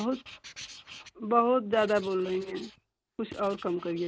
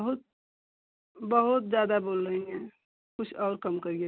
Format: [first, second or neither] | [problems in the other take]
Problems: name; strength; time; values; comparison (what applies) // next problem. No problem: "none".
second | noise reduction (neural mask model Resemble Enhance denoiser)